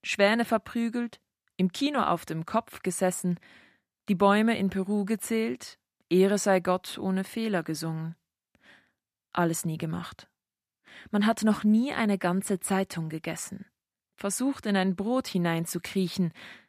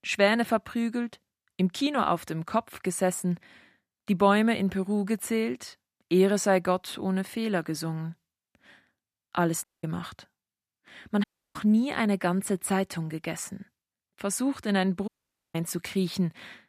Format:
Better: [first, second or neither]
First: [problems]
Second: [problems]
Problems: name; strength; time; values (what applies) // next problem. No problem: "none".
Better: first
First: none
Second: audio cutting out; at 9.5 s, at 11 s and at 15 s